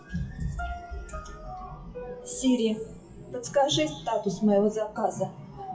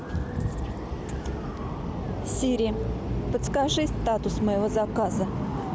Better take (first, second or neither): second